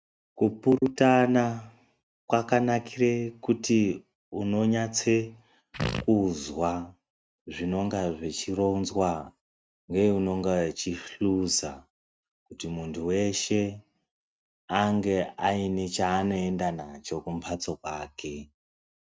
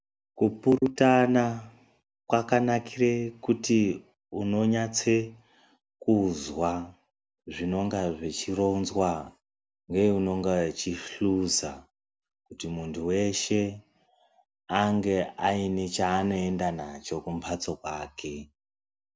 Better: second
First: noise reduction (neural mask model RNNoise)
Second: none

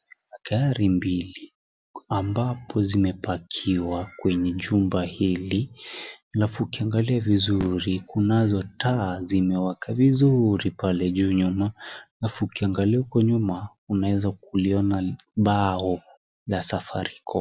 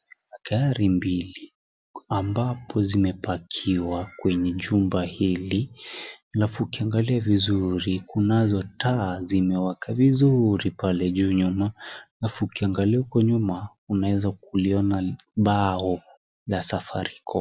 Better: second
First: background sound (Fireworks); 19 dB below the speech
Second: none

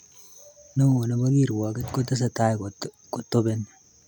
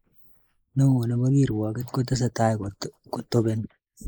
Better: first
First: none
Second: noise reduction (neural mask model Resemble Enhance denoiser)

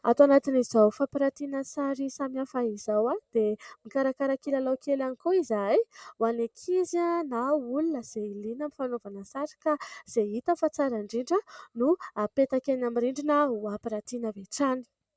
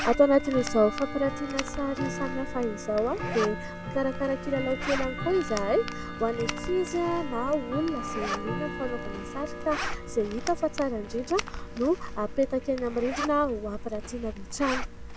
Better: first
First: none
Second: background sound (Tick-tock / Bell + Zipper (clothing)); 6 dB below the speech

